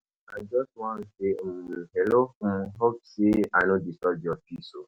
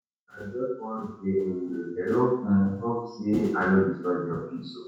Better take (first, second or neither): first